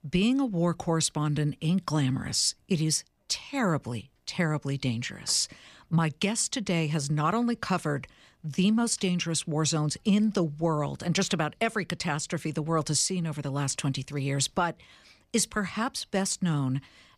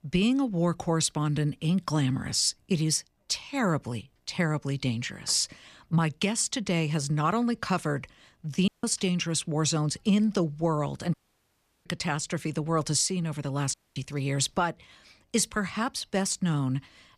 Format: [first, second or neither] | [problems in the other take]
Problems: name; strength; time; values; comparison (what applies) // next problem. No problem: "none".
first | audio cutting out; at 8.5 s, at 11 s for 0.5 s and at 14 s